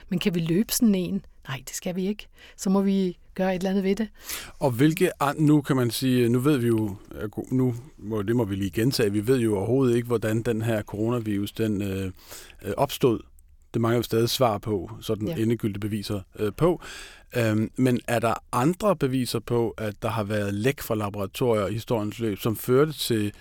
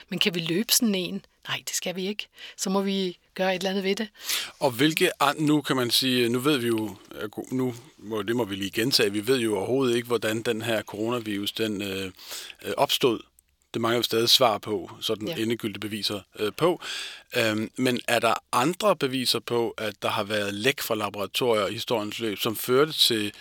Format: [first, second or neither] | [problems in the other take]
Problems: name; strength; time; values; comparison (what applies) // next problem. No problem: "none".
first | thin; very slightly; fading below 450 Hz